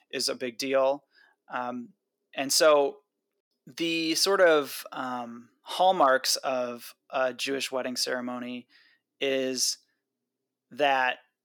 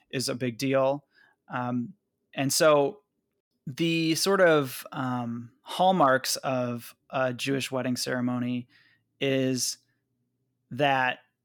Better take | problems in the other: second | thin; somewhat; fading below 400 Hz

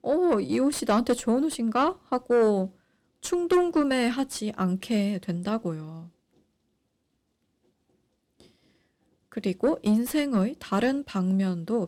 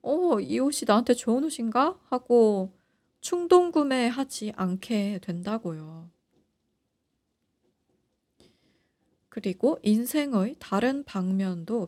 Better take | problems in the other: second | distortion; slight; 10 dB below the speech

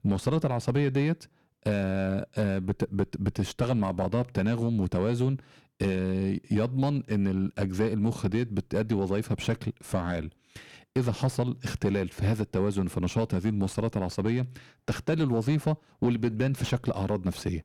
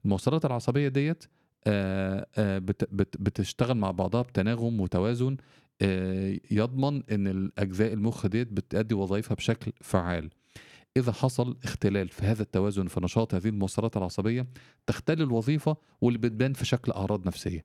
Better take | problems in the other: second | distortion; slight; 10 dB below the speech

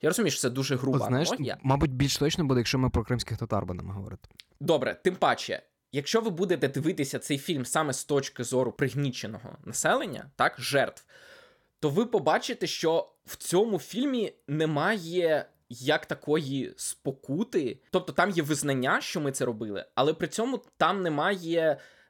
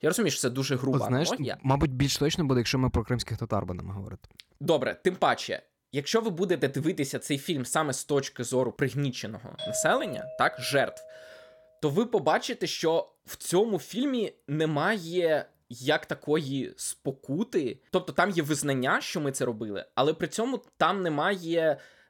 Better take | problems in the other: first | doorbell; noticeable; from 9.5 to 11 s; peak 6 dB below the speech

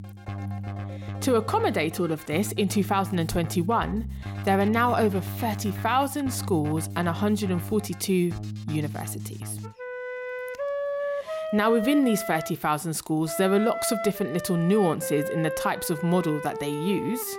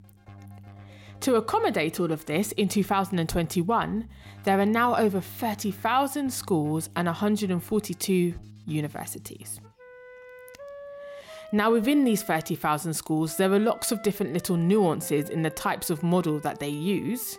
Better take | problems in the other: second | background music; loud; throughout; 8 dB below the speech; faint in the second

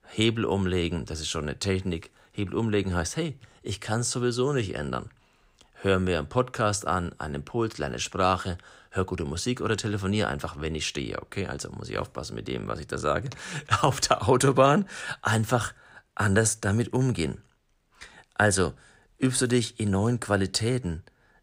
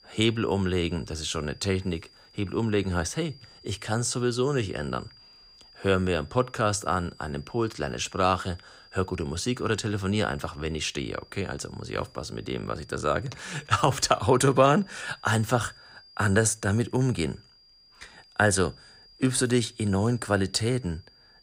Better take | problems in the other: first | high-pitched whine; faint; throughout; 5 kHz, 25 dB below the speech

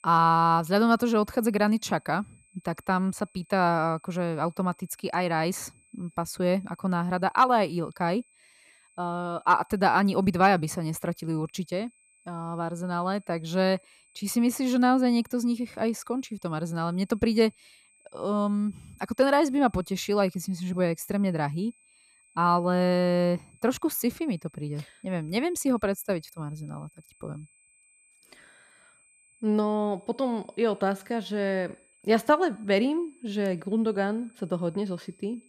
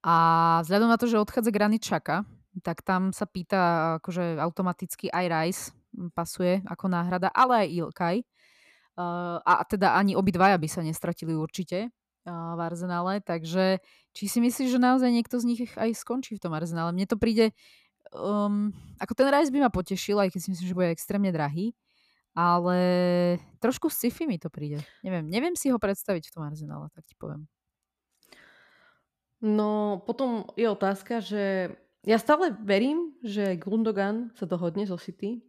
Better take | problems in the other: second | high-pitched whine; faint; throughout; 8 kHz, 30 dB below the speech

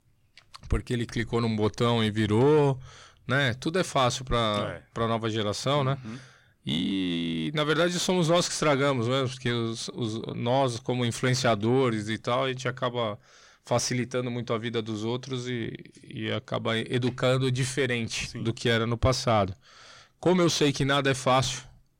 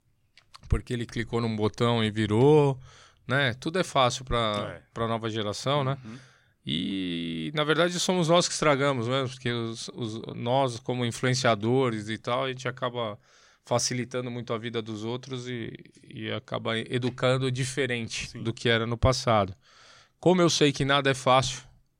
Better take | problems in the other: second | distortion; slight; 10 dB below the speech

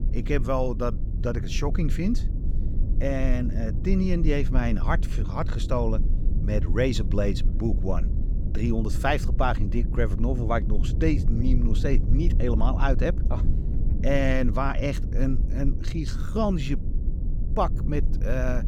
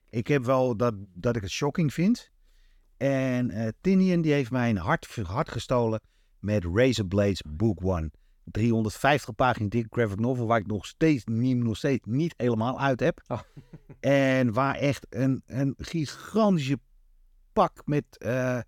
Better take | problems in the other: second | low rumble; noticeable; throughout; 10 dB below the speech

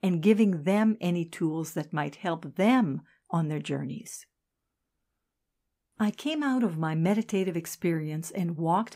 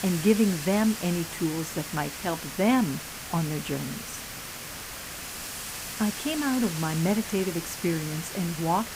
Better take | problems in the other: first | hiss; loud; throughout; 7 dB below the speech

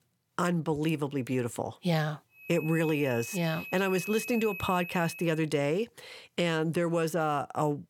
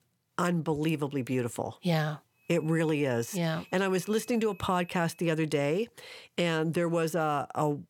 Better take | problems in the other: second | high-pitched whine; loud; from 2.5 to 5.5 s; 2.5 kHz, 10 dB below the speech; faint in the second

